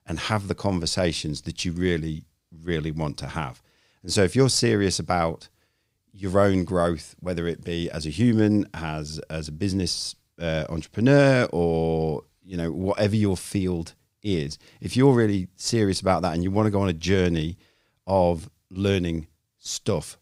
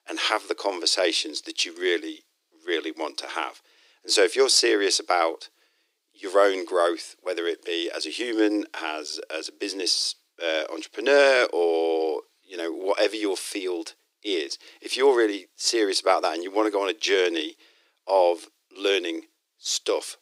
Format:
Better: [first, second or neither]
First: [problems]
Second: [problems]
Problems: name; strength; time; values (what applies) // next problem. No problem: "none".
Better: first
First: none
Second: thin; very; fading below 300 Hz